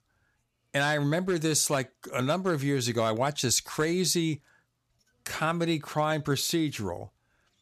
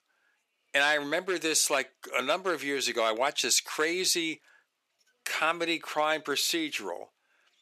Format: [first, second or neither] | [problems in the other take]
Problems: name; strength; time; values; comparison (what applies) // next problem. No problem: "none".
first | thin; somewhat; fading below 350 Hz